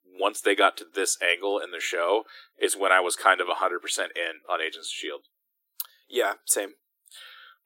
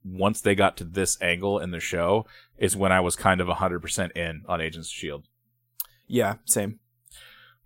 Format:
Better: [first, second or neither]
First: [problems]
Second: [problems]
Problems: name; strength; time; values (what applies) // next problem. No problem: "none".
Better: second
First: thin; very; fading below 300 Hz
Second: none